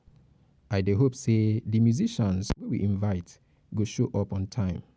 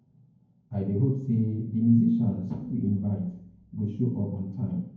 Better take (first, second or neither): first